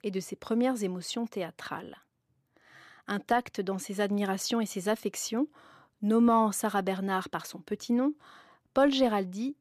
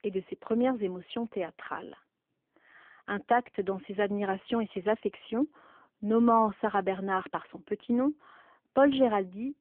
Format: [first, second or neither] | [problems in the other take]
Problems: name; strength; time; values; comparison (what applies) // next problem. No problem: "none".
first | phone-call audio; poor line